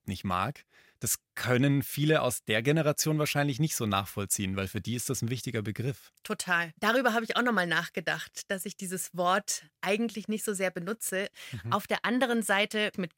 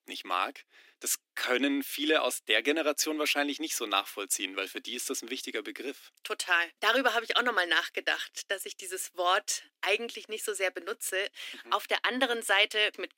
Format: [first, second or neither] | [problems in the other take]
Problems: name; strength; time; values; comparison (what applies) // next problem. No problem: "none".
first | thin; somewhat; fading below 250 Hz